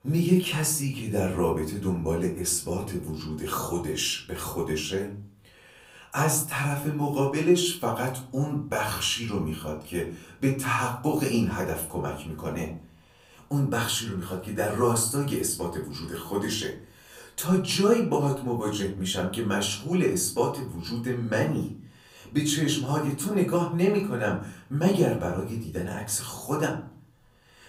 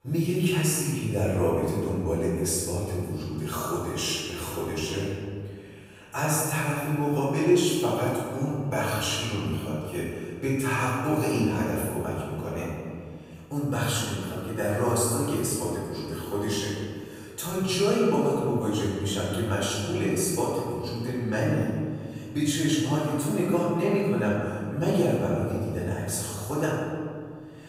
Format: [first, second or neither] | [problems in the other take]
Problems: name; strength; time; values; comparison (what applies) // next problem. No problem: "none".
first | room echo; strong; dies away in 1.9 s; slight in the first // off-mic speech; far; far in the first